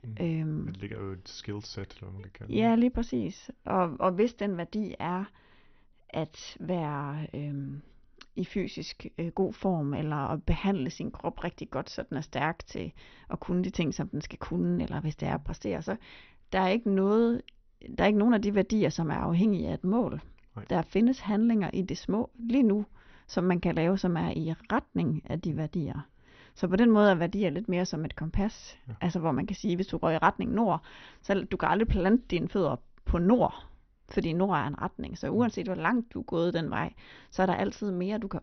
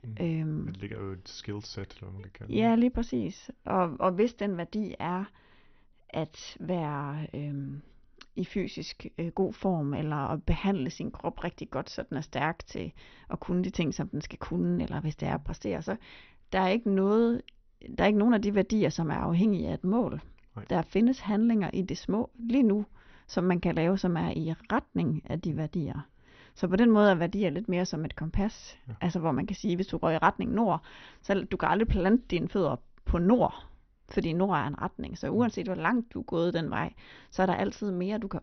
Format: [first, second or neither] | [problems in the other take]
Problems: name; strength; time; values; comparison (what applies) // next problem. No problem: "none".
neither | garbled, watery; slightly; nothing above 6 kHz; the same in both